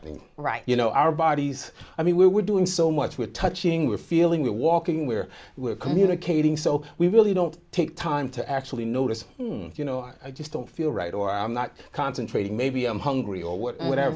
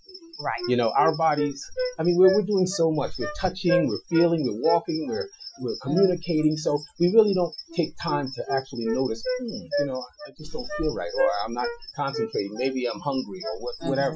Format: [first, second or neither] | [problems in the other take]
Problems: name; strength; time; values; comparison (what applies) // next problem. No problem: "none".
first | noise reduction (classical method Wiener filter)